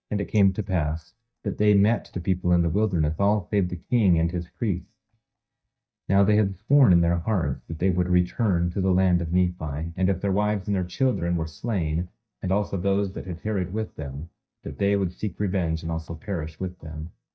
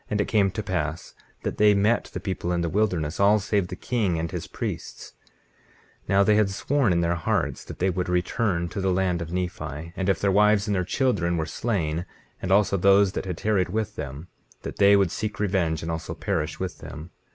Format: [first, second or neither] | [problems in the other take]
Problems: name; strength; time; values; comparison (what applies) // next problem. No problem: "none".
second | noise reduction (neural mask model DeepFilterNet 3)